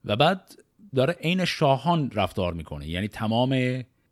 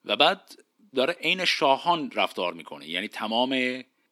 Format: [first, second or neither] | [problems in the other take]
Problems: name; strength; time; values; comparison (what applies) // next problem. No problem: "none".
first | thin; somewhat; fading below 250 Hz